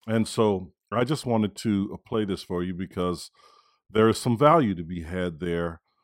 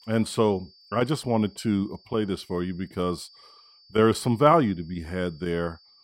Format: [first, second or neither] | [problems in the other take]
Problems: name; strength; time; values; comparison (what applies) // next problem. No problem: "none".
first | high-pitched whine; faint; throughout; 4.5 kHz, 25 dB below the speech